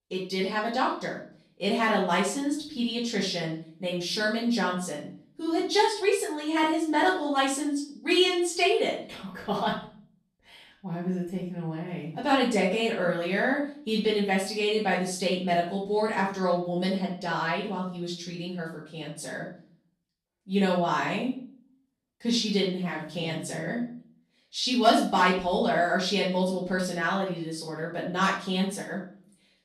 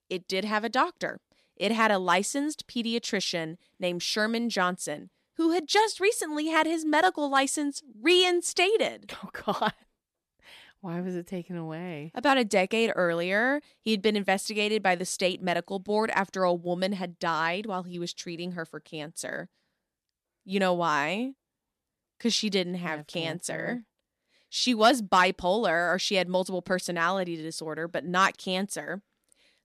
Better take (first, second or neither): second